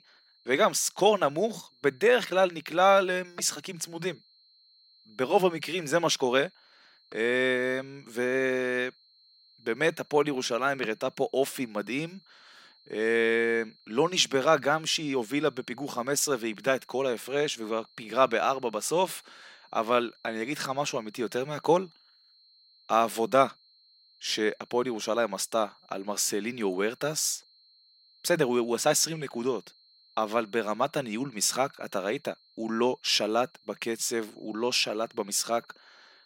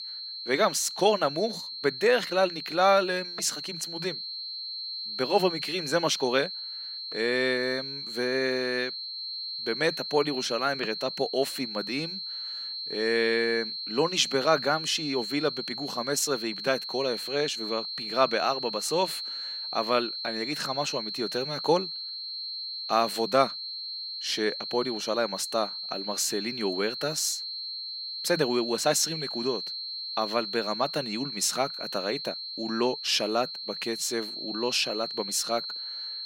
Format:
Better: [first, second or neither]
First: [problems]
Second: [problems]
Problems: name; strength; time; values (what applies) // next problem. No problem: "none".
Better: first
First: high-pitched whine; faint; throughout; 4 kHz, 30 dB below the speech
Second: high-pitched whine; loud; throughout; 4 kHz, 5 dB below the speech